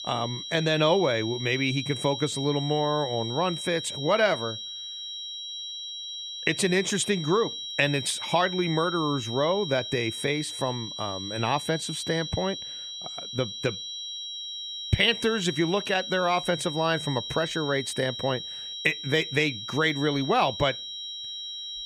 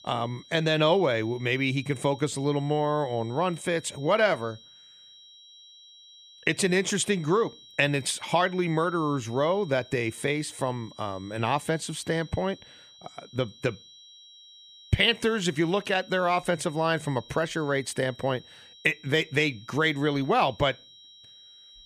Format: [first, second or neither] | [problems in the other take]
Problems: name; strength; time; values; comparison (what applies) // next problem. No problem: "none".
second | high-pitched whine; loud; throughout; 4 kHz, 7 dB below the speech; faint in the second